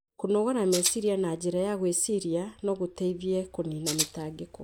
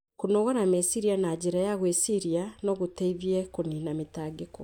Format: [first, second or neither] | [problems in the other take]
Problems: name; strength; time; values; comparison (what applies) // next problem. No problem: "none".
second | background sound (Rattle (instrument)); 3 dB below the speech